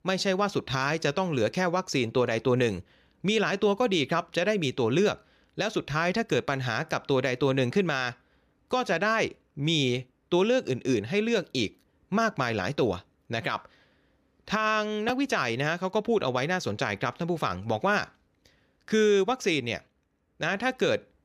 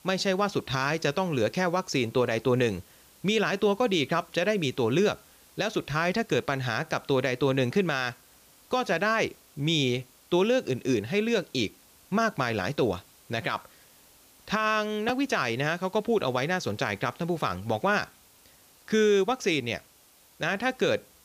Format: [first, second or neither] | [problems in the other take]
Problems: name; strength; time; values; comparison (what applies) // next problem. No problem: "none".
first | hiss; faint; throughout; 25 dB below the speech